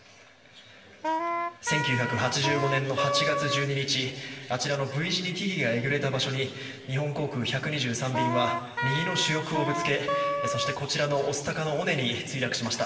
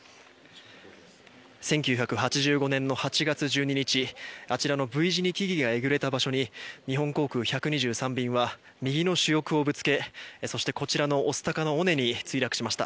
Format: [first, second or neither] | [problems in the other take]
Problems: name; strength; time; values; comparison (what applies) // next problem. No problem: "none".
second | background sound (Wind instrument, woodwind instrument); 1 dB below the speech // room echo; dies away in 2.6 s